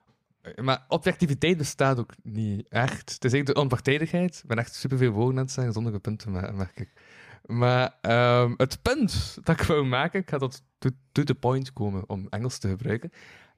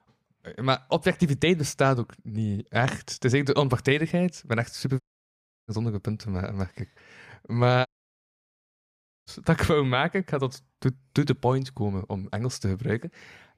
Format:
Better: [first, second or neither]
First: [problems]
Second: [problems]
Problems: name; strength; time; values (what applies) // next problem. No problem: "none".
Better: first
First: none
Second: audio cutting out; at 5 s for 0.5 s and at 8 s for 1.5 s